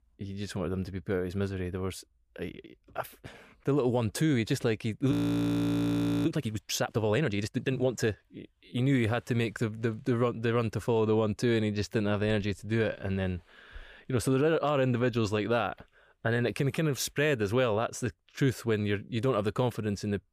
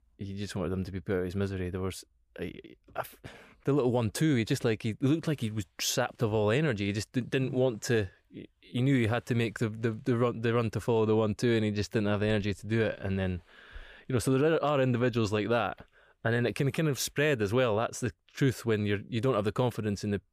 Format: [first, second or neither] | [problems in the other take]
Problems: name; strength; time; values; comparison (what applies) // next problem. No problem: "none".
second | audio freezing; at 5 s for 1 s